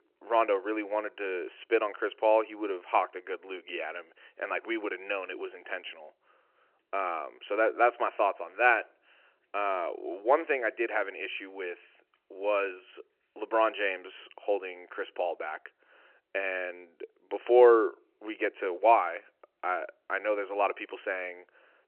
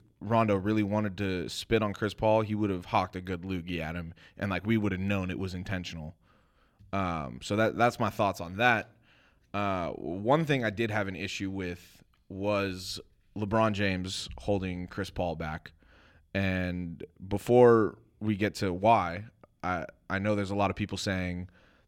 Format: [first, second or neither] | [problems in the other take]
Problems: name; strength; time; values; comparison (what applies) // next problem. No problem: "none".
second | phone-call audio